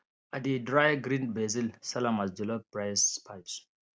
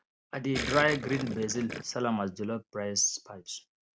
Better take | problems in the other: first | background sound (Gurgling); 8 dB below the speech

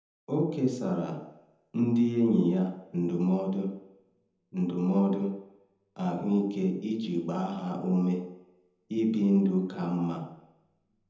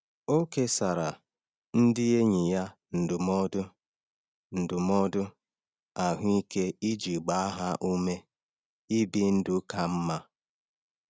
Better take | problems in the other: second | room echo; dies away in 0.8 s

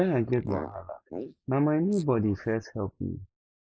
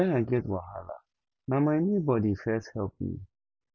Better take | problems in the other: second | noise reduction (neural mask model Resemble Enhance denoiser)

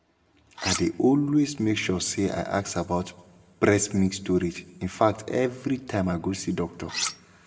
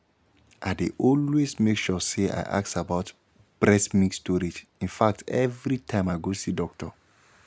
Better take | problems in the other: second | background sound (Cutlery, silverware); 5 dB below the speech // room echo; dies away in 0.8 s

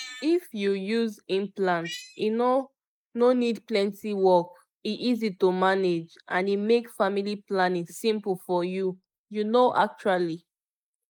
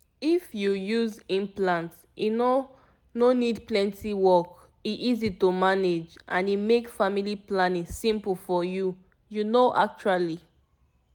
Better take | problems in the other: second | noise reduction (neural mask model Resemble Enhance denoiser)

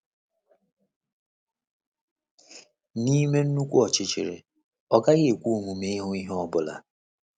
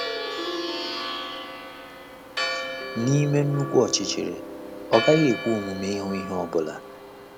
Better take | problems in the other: first | background sound (Church bell + Plucked string instrument); 6 dB below the speech

